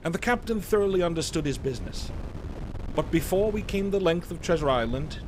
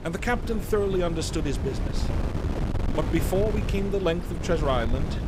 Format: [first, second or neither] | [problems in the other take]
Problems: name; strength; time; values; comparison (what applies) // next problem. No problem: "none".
first | wind noise on the microphone; heavy; 8 dB below the speech; occasional gusts in the first